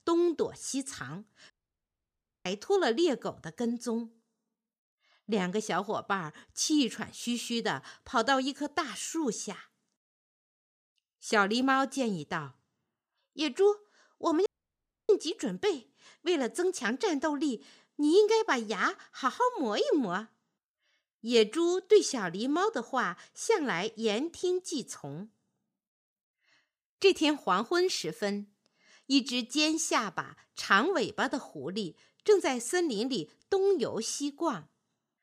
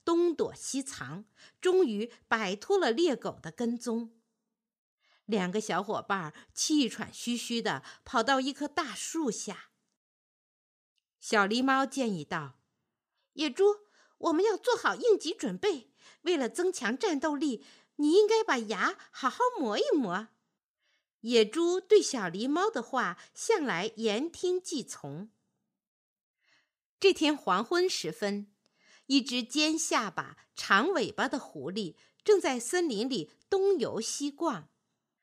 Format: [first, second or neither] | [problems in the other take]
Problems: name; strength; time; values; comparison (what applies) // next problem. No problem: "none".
second | audio cutting out; at 1.5 s for 1 s and at 14 s for 0.5 s